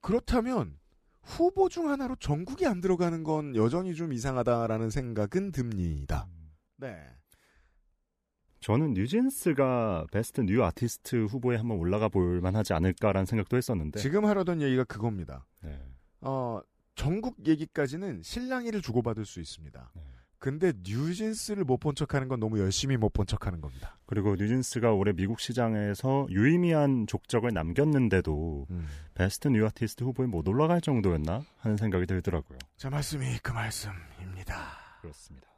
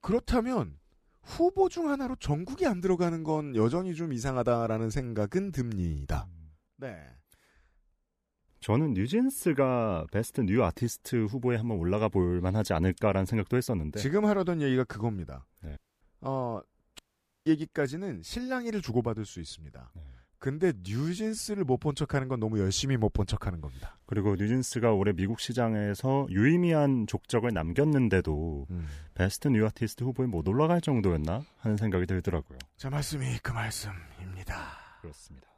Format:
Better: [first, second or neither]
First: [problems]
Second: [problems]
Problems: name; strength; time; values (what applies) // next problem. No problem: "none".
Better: first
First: none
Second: audio cutting out; at 16 s and at 17 s